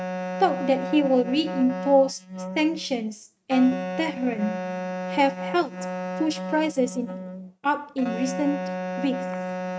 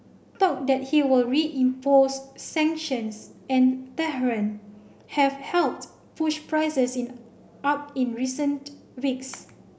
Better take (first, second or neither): second